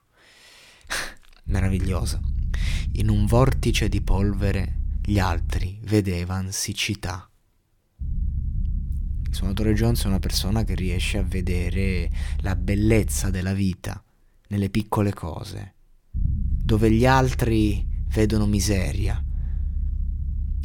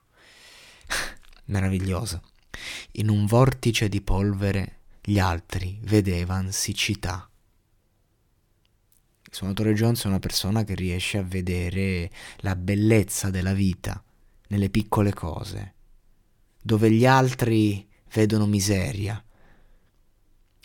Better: second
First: low rumble; noticeable; from 1.5 to 5.5 s, from 8 to 13 s and from 16 s on; 20 dB below the speech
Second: none

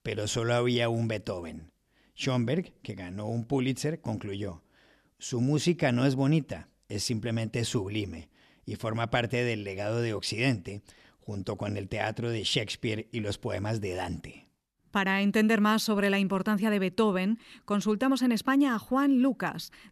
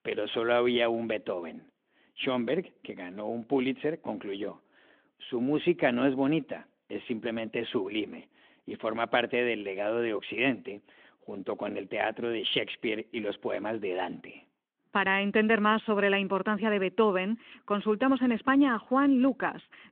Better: first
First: none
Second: phone-call audio; nothing above 3.5 kHz

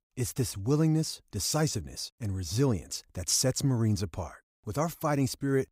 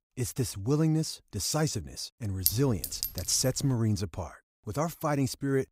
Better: first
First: none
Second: clattering dishes; loud; at 2.5 s; peak 1 dB above the speech

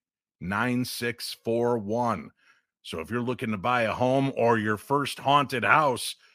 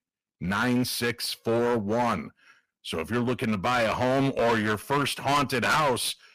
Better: first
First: none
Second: distortion; heavy; 15% of the sound clipped

